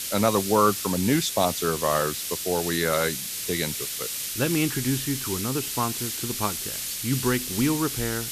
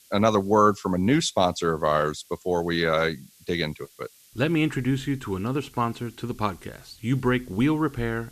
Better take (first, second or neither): second